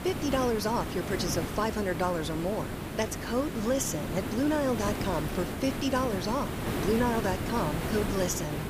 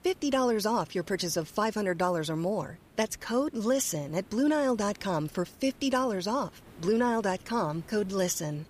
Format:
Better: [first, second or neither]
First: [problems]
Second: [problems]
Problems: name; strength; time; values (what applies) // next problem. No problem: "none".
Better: second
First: hiss; loud; throughout; 4 dB below the speech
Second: hiss; faint; throughout; 25 dB below the speech